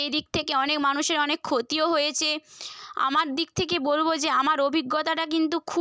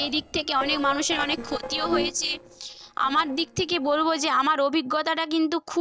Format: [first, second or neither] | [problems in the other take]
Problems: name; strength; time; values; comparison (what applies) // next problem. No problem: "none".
first | noise reduction (neural separator model SepFormer DNS4)